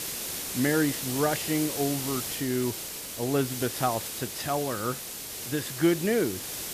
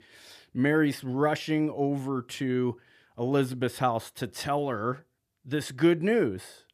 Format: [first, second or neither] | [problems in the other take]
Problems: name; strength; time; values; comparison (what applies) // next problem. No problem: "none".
second | hiss; loud; throughout; 4 dB below the speech